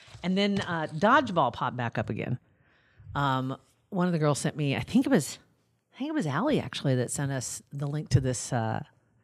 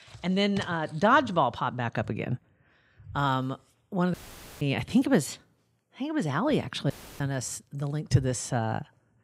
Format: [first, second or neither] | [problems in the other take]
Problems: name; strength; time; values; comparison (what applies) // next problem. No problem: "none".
first | audio cutting out; filled with static; at 4 s and at 7 s